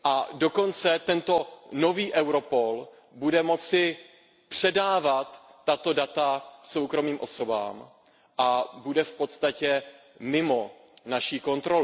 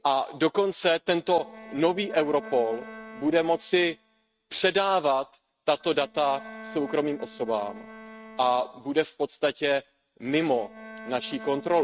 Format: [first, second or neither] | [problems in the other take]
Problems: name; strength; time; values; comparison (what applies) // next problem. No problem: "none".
first | noise reduction (neural mask model RNNoise)